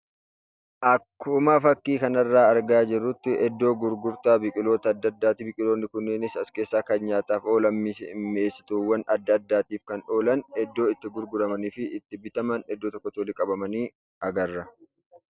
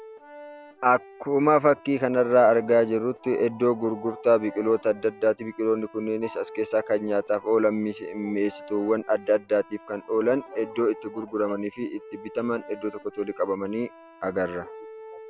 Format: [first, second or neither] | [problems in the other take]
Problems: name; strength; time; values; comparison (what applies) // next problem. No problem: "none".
first | background sound (Accordion); 20 dB below the speech